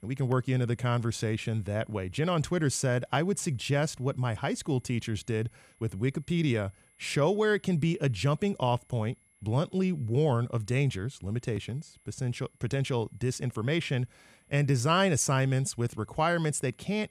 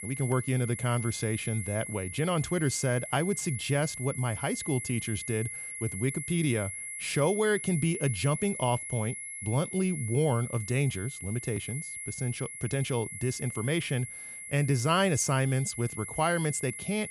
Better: first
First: high-pitched whine; faint; throughout; 2 kHz, 35 dB below the speech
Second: high-pitched whine; loud; throughout; 2 kHz, 7 dB below the speech

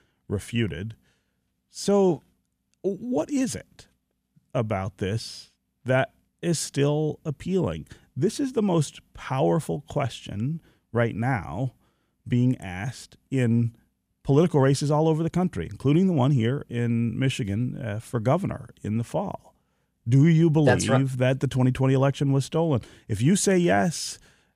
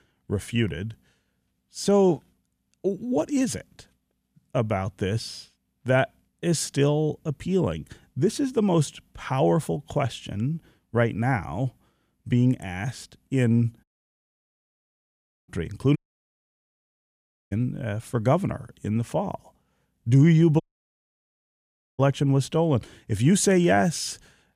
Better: first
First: none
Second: audio cutting out; at 14 s for 1.5 s, at 16 s for 1.5 s and at 21 s for 1.5 s

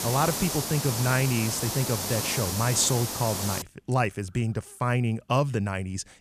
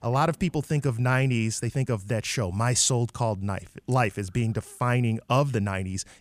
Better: second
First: hiss; loud; until 3.5 s; 3 dB below the speech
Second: none

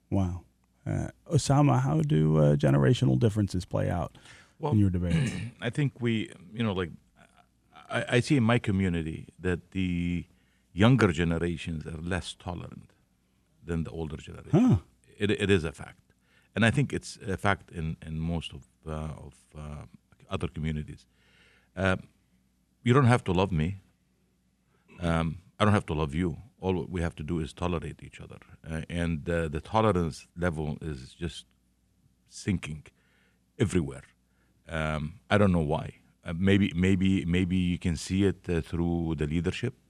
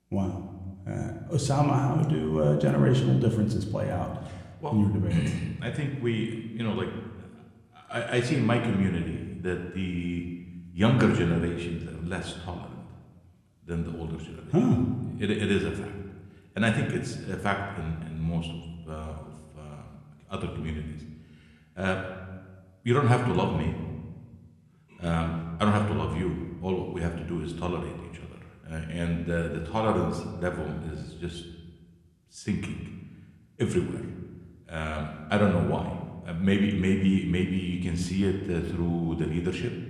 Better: first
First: none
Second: room echo; slight; dies away in 1.1 s

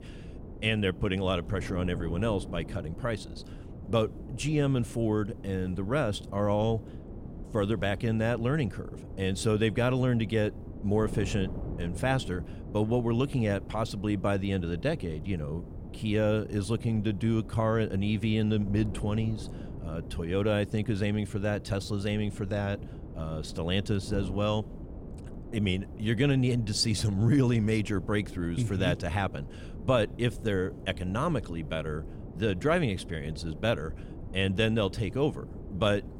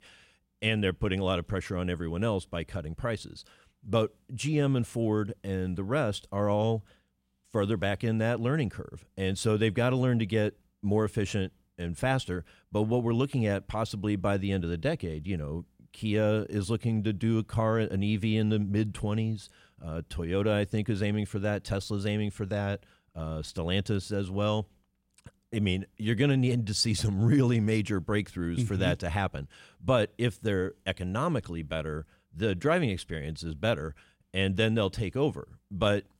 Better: second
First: wind noise on the microphone; occasional gusts; 15 dB below the speech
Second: none

